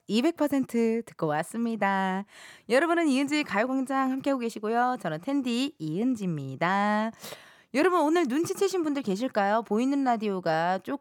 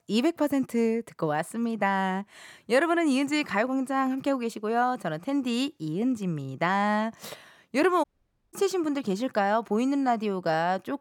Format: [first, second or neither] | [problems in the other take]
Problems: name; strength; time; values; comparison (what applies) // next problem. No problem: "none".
first | audio cutting out; at 8 s